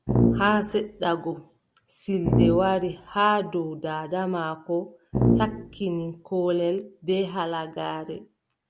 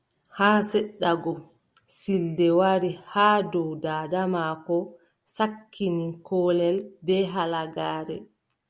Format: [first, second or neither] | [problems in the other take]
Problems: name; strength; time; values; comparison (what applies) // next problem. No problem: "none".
second | background sound (Brass instrument); 2 dB above the speech